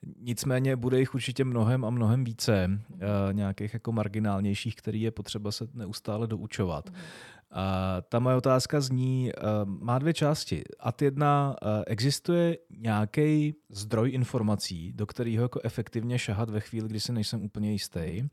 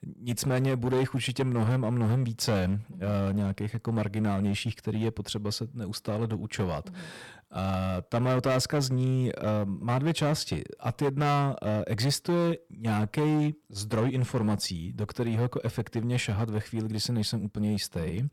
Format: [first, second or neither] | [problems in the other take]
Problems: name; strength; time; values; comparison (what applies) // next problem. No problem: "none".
first | distortion; slight; 11% of the sound clipped